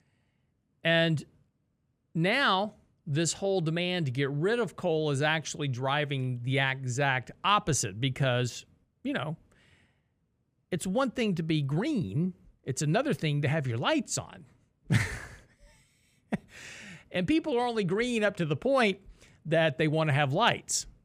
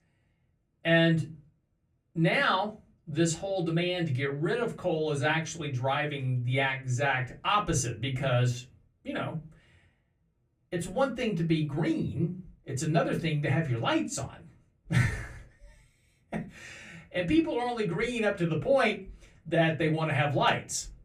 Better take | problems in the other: first | off-mic speech; far // room echo; very slight; dies away in 0.2 s

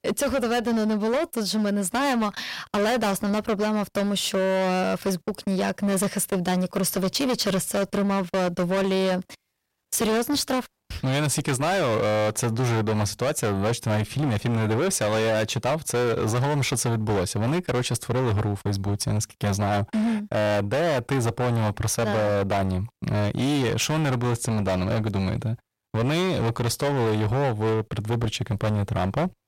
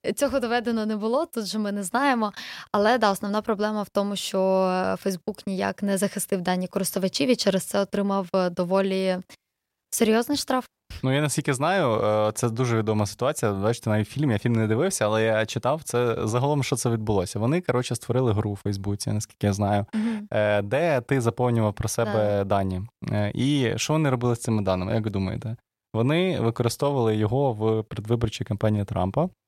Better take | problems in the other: second | distortion; heavy; 27% of the sound clipped

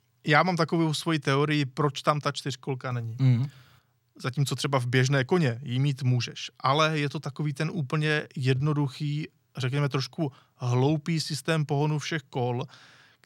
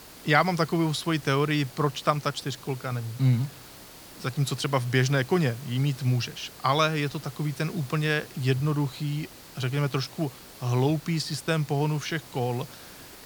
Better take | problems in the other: first | hiss; noticeable; throughout; 20 dB below the speech

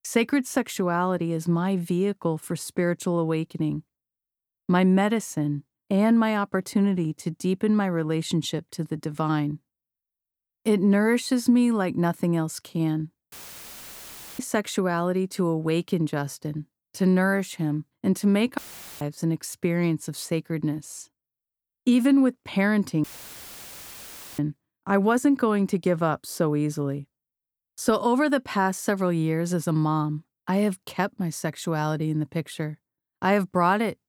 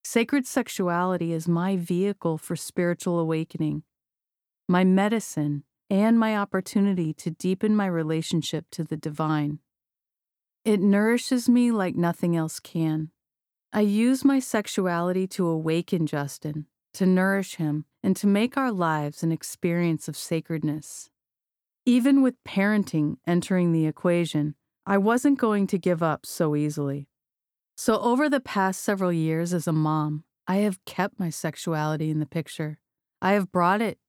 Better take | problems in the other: second | audio cutting out; filled with static; at 13 s for 1 s, at 19 s and at 23 s for 1.5 s

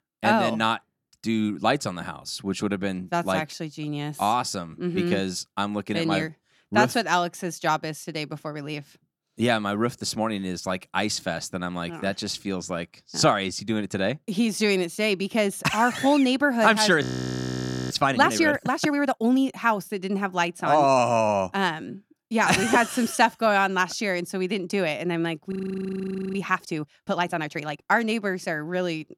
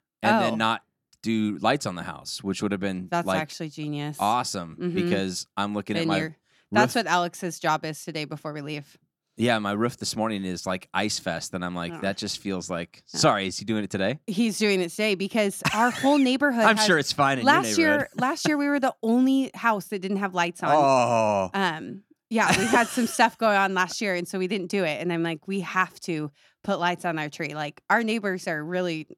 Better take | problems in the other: second | audio freezing; at 17 s for 1 s and at 26 s for 1 s

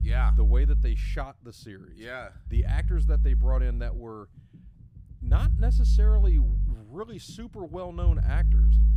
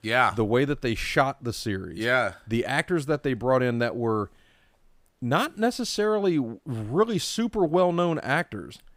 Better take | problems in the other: second | low rumble; loud; throughout; 5 dB below the speech

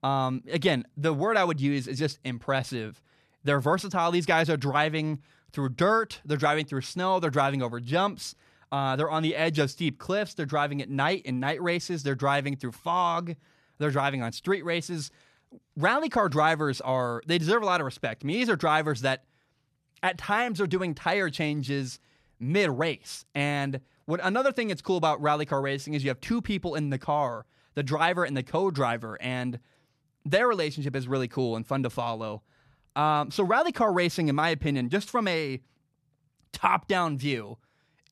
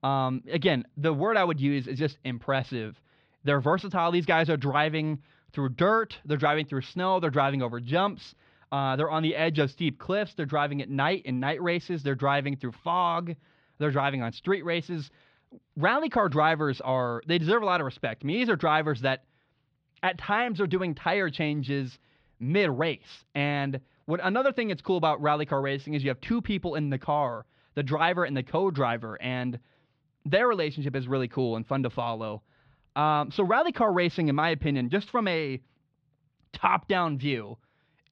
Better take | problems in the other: first | muffled; very slightly; fading above 3.5 kHz

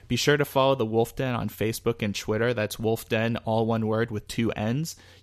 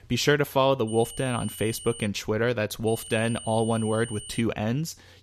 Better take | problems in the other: first | high-pitched whine; noticeable; from 1 to 2 s and from 3 to 4.5 s; 9 kHz, 15 dB below the speech

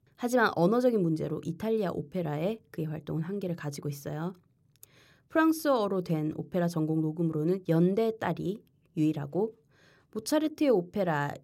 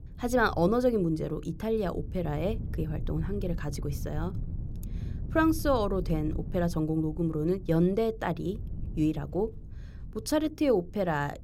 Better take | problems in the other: first | wind noise on the microphone; occasional gusts; 20 dB below the speech

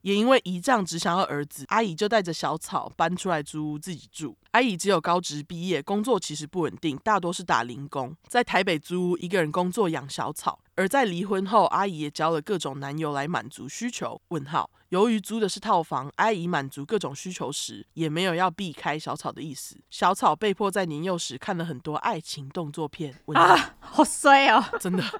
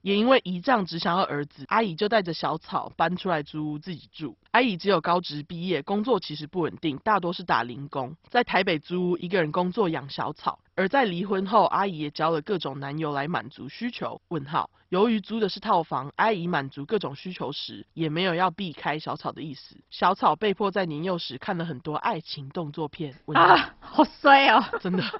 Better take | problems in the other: first | garbled, watery; badly; nothing above 5.5 kHz

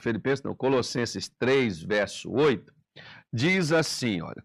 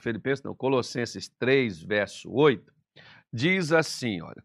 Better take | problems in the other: second | distortion; slight; 10 dB below the speech

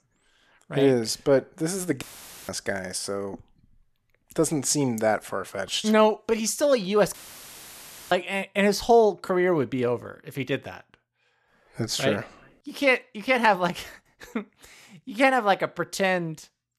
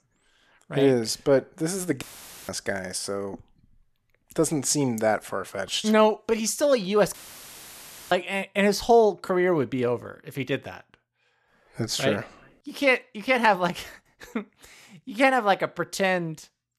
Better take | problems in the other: neither | audio cutting out; filled with static; at 2 s and at 7 s for 1 s; the same in both

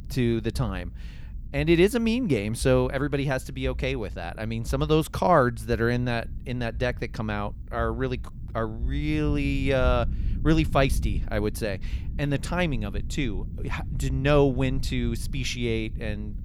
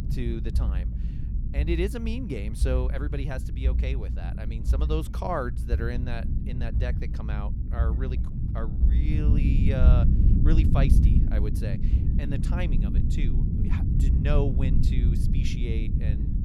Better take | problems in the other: first | low rumble; loud; throughout; 4 dB below the speech; faint in the first

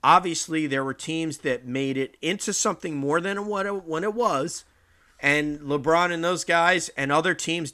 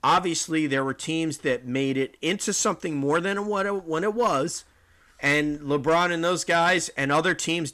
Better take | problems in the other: first | distortion; slight; 10 dB below the speech

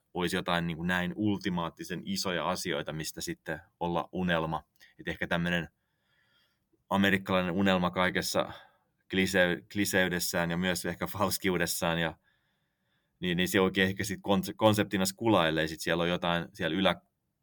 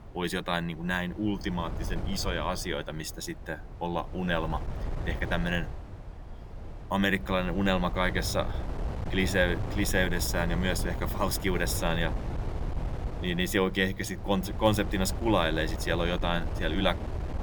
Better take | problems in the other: first | wind noise on the microphone; occasional gusts; 15 dB below the speech

